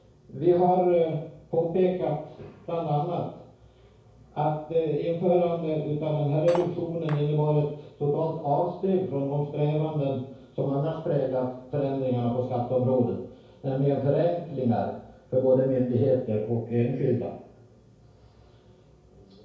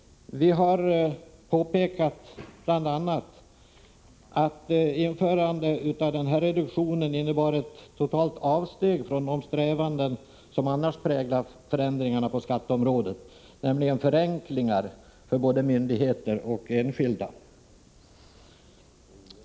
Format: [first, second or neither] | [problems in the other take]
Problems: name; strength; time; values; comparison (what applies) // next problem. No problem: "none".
second | background sound (Cutlery, silverware); 14 dB below the speech // room echo; dies away in 0.6 s